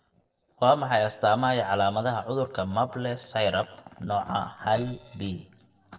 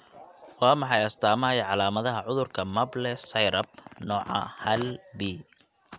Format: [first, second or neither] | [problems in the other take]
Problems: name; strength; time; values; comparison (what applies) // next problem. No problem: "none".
second | noise reduction (neural separator model SepFormer DNS4)